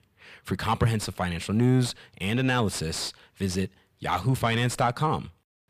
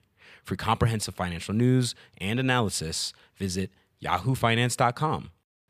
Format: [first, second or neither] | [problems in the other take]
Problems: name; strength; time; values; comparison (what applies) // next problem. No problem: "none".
second | distortion; slight; 10 dB below the speech